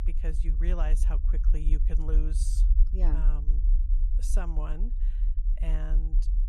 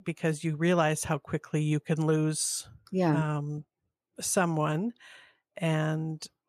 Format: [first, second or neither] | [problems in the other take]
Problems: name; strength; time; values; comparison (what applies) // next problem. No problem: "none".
second | low rumble; loud; throughout; 9 dB below the speech